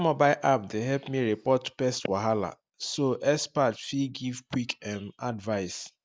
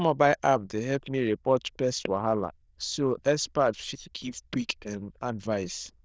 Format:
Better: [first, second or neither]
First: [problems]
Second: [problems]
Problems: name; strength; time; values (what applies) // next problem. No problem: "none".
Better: first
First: none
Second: noise reduction (neural diffusion model UNIVERSE++)